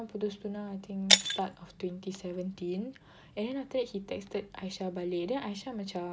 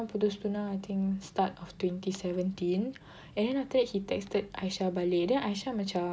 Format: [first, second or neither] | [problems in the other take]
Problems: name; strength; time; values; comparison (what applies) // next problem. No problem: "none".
second | background sound (Shatter); 3 dB above the speech